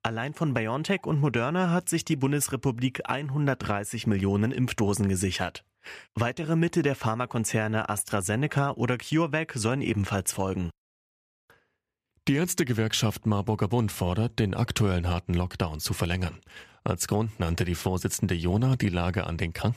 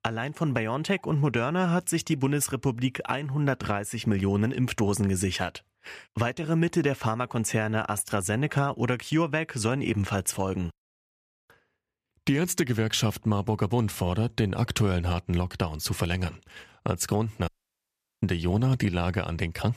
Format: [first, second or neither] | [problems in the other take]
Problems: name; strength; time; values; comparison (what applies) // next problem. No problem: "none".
first | audio cutting out; at 17 s for 0.5 s